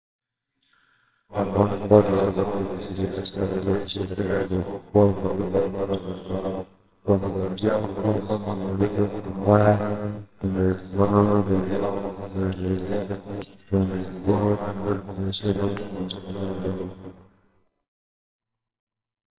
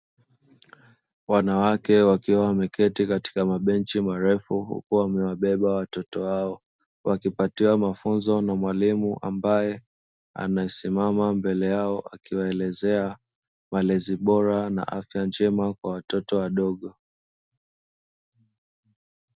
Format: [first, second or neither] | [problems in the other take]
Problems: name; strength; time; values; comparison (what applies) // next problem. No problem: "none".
second | noise reduction (neural separator model SepFormer WHAMR!)